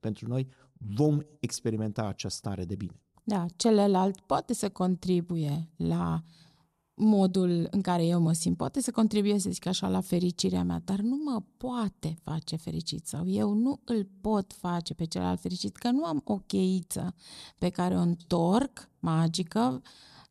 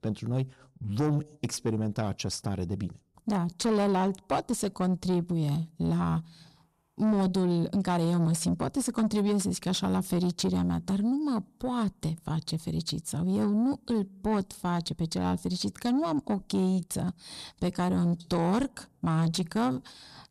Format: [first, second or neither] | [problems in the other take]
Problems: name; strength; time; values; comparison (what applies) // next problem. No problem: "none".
first | distortion; slight; 10 dB below the speech